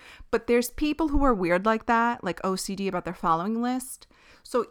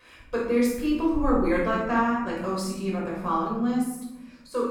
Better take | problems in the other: first | off-mic speech; far // room echo; strong; dies away in 0.9 s

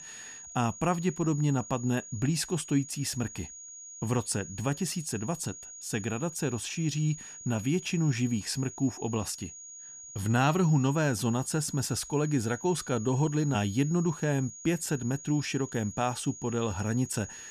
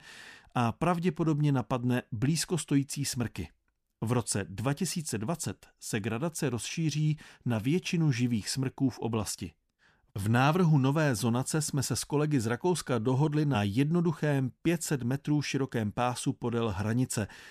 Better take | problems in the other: second | high-pitched whine; noticeable; throughout; 6.5 kHz, 15 dB below the speech

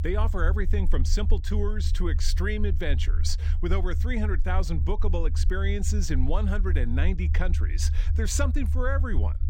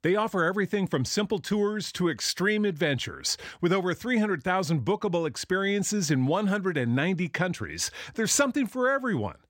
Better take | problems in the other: second | low rumble; noticeable; throughout; 10 dB below the speech

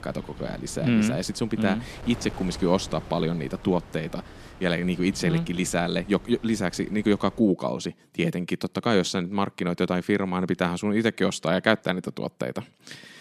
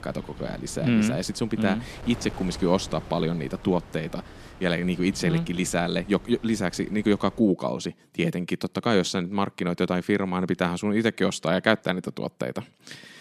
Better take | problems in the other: neither | wind noise on the microphone; occasional gusts; until 7.5 s; 20 dB below the speech; the same in both

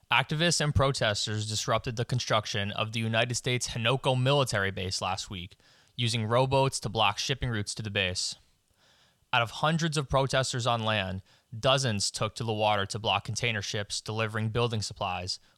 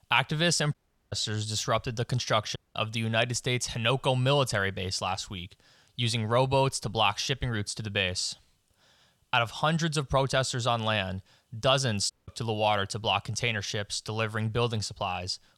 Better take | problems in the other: first | audio cutting out; at 0.5 s, at 2.5 s and at 12 s

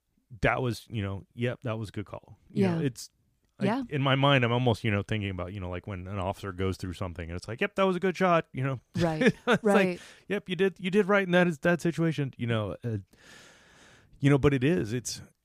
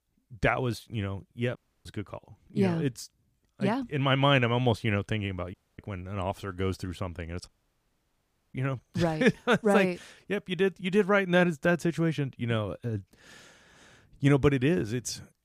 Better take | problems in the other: first | audio cutting out; at 1.5 s, at 5.5 s and at 7.5 s for 1 s

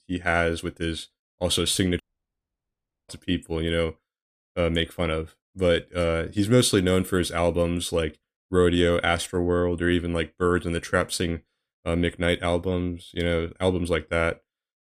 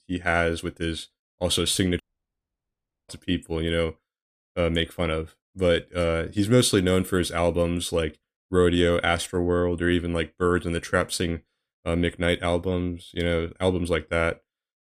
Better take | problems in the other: neither | audio cutting out; at 2 s for 1 s; the same in both

